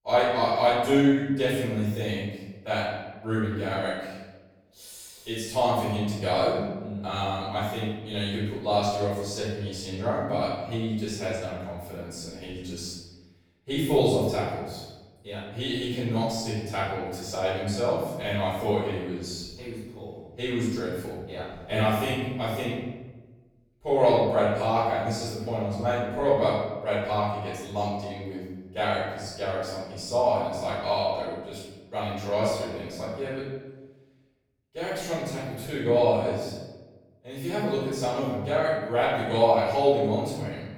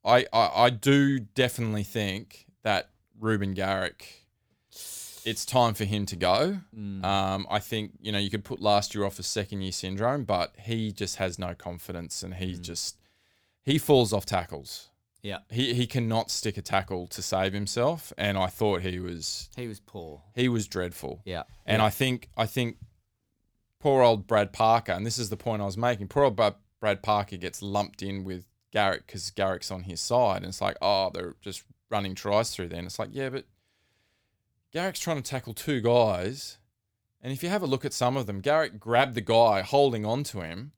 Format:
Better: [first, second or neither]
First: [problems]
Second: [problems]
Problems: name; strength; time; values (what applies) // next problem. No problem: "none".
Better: second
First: off-mic speech; far // room echo; strong; dies away in 1.1 s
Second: none